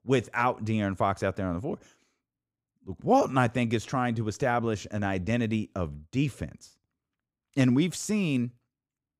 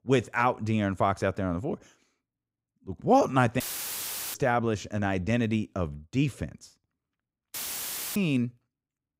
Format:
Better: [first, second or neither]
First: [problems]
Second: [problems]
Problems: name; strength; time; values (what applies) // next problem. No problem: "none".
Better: first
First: none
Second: audio cutting out; filled with static; at 3.5 s for 0.5 s and at 7.5 s for 0.5 s